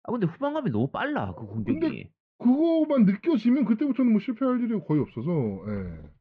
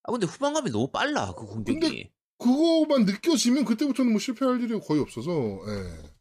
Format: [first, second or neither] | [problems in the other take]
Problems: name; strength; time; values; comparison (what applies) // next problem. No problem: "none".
second | muffled; very; fading above 2.5 kHz